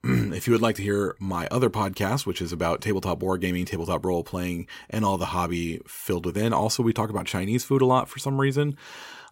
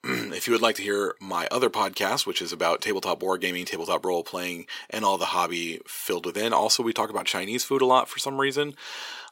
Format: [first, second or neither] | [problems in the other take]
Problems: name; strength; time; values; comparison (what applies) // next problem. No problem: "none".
first | thin; somewhat; fading below 400 Hz